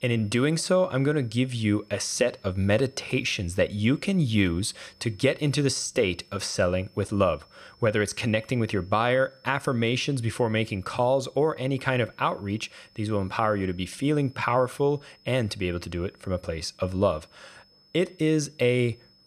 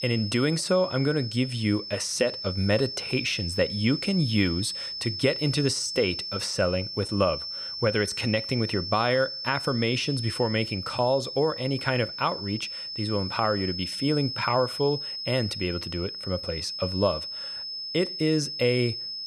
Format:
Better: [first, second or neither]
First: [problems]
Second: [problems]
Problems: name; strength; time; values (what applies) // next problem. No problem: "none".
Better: first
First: high-pitched whine; faint; throughout; 5.5 kHz, 30 dB below the speech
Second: high-pitched whine; loud; throughout; 5.5 kHz, 6 dB below the speech